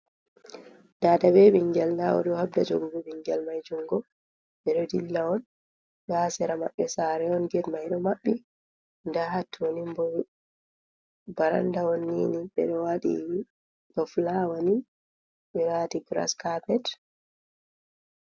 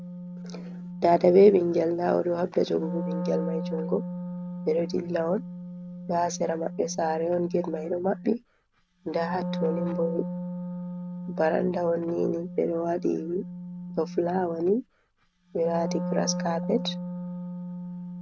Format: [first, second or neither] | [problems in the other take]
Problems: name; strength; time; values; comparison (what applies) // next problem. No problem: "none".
first | background sound (Wind instrument, woodwind instrument); 7 dB below the speech